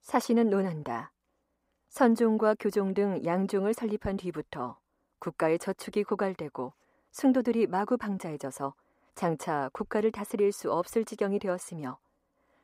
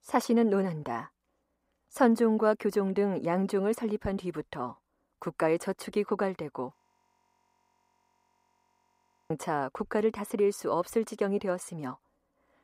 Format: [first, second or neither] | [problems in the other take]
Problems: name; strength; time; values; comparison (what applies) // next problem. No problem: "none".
first | audio freezing; at 7 s for 2.5 s